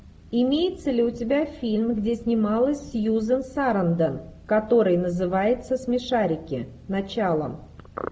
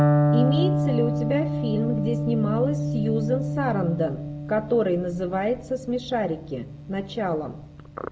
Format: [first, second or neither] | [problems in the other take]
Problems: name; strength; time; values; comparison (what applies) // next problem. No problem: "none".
first | background sound (Electric guitar); as loud as the speech